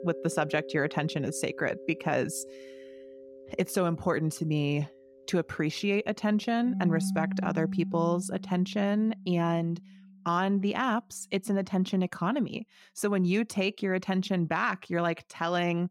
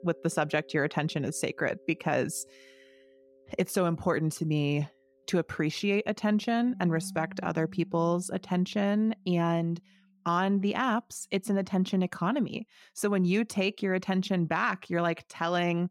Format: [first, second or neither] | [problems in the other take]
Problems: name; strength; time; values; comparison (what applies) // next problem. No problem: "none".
second | background music; loud; throughout; 9 dB below the speech; faint in the second